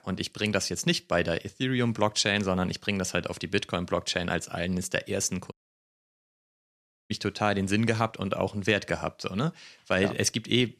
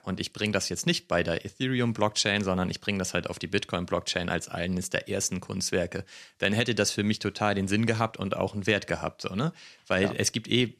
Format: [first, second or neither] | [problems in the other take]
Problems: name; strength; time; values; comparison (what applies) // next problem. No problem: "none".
second | audio cutting out; at 5.5 s for 1.5 s